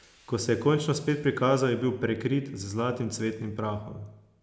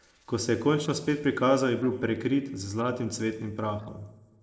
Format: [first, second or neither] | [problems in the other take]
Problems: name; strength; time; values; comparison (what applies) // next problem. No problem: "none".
first | noise reduction (neural separator model SepFormer DNS4)